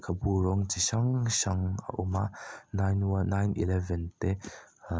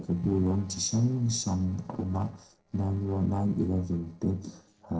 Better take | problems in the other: first | noise reduction (neural separator model SepFormer DNS4)

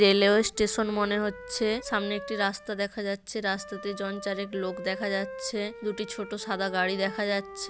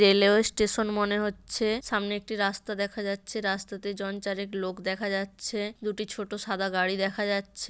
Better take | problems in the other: second | background sound (Wind instrument, woodwind instrument); 13 dB below the speech

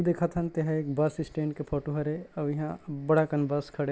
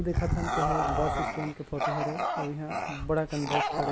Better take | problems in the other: first | background sound (Bark / Growling); 2 dB above the speech

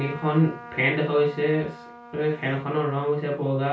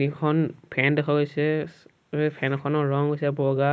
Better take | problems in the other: second | background sound (Trumpet); 18 dB below the speech // room echo; dies away in 0.2 s

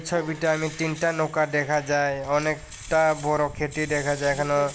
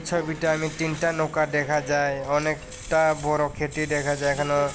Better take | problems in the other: first | background sound (Bell); 19 dB below the speech

